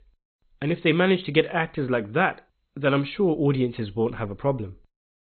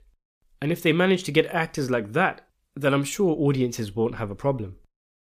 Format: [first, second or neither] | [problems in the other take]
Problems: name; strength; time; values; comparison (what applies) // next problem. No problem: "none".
second | garbled, watery; badly; nothing above 4 kHz